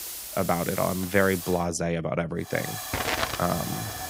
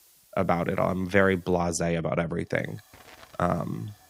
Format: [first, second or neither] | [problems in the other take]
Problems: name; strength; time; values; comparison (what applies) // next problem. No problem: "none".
second | hiss; loud; until 1.5 s and from 2.5 s on; 4 dB below the speech; faint in the second